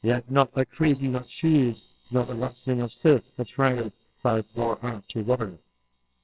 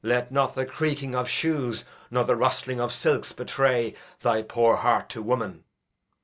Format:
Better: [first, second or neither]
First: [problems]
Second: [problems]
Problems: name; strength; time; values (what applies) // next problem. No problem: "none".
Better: second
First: noise reduction (neural separator model SepFormer WHAMR!)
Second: none